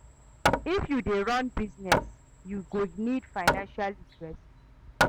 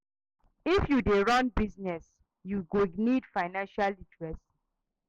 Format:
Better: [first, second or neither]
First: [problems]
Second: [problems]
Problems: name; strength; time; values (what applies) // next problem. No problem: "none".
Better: second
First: background sound (Hammer); as loud as the speech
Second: none